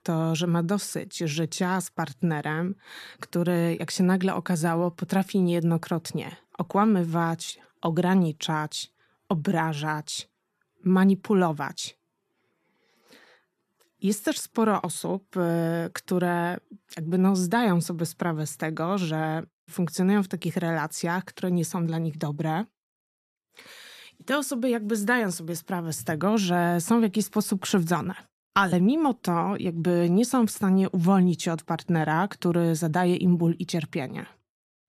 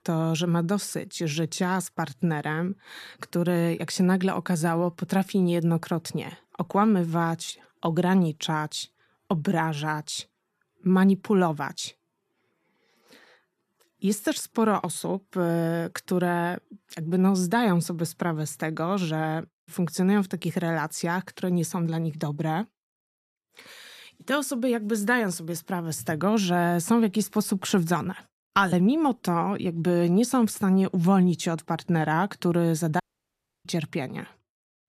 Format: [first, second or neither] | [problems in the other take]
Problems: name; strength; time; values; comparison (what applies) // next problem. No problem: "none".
first | audio cutting out; at 33 s for 0.5 s